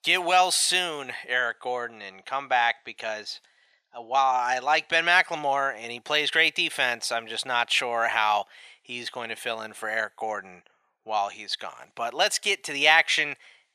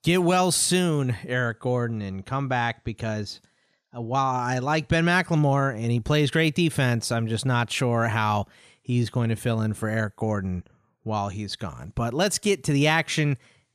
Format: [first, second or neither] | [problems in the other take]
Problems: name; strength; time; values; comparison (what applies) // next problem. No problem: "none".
second | thin; very; fading below 650 Hz